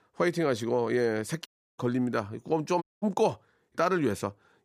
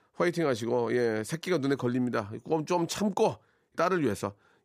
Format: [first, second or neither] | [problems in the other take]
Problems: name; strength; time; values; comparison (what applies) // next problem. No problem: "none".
second | audio cutting out; at 1.5 s and at 3 s